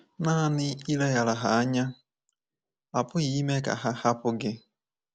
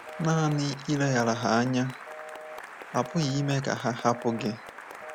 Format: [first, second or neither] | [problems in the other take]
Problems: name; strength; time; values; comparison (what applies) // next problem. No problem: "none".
first | background sound (Telephone + Applause); 13 dB below the speech